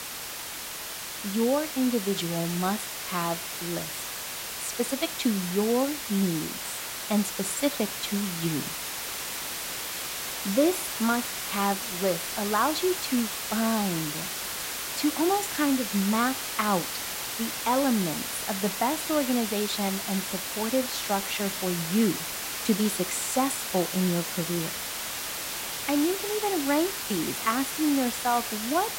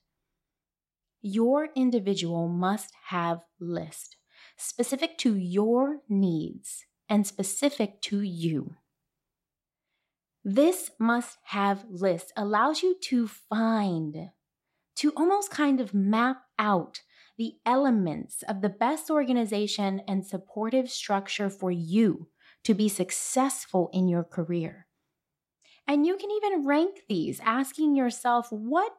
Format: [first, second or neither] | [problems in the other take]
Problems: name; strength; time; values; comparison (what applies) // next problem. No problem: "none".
second | hiss; loud; throughout; 3 dB below the speech